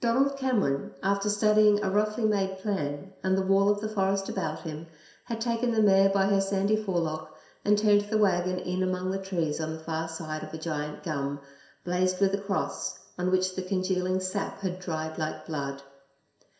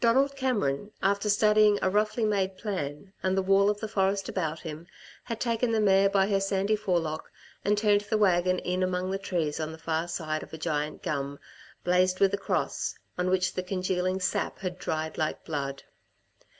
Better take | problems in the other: second | room echo; dies away in 0.7 s

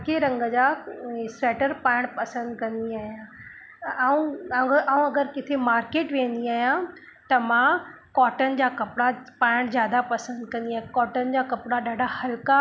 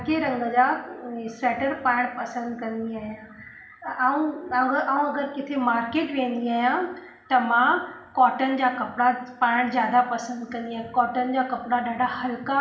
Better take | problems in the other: first | room echo; dies away in 0.8 s

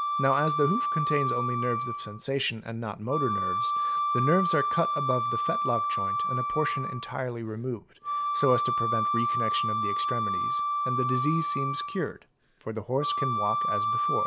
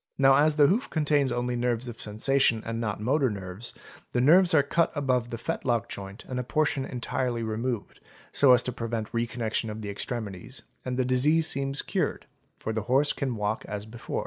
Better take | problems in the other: second | background sound (Wind instrument, woodwind instrument); 2 dB above the speech

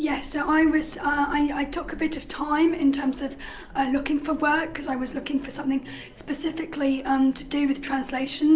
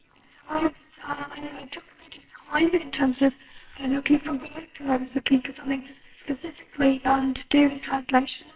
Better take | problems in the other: first | noise reduction (neural separator model SepFormer WHAMR!)

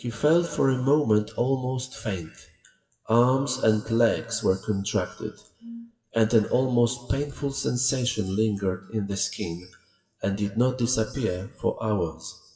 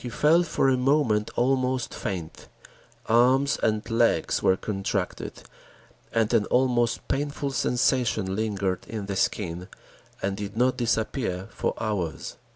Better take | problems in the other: second | noise reduction (classical method WPE with log-MMSE)

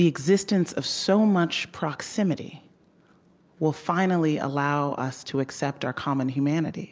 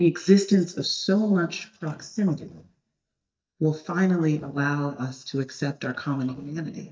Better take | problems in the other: first | noise reduction (neural mask model DeepFilterNet 3)

